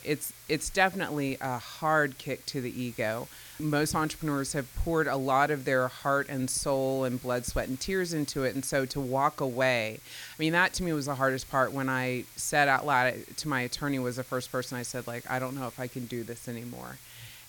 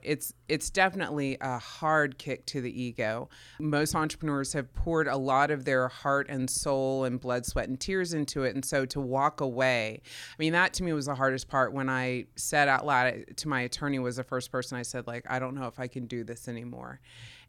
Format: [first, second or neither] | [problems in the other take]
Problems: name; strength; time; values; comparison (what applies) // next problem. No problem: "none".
second | hiss; noticeable; throughout; 20 dB below the speech